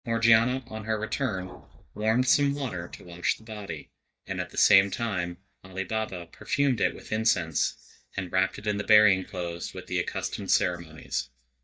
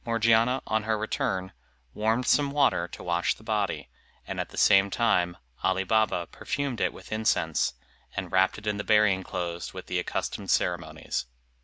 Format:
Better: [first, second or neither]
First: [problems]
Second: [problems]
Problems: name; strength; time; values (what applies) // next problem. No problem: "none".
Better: second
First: noise reduction (neural mask model DeepFilterNet 3)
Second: none